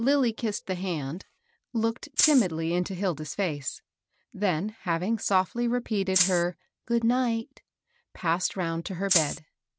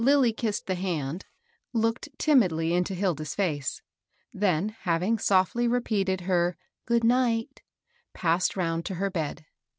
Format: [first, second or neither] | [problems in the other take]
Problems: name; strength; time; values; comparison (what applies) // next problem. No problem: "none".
second | background sound (Rattle (instrument)); 2 dB above the speech